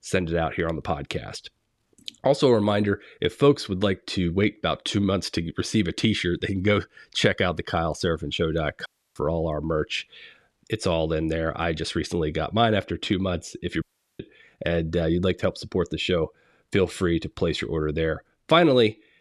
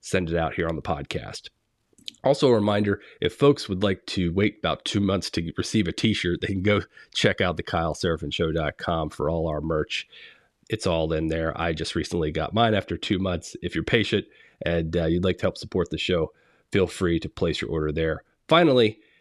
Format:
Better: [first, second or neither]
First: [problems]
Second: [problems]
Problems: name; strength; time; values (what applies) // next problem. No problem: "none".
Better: second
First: audio cutting out; at 9 s and at 14 s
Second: none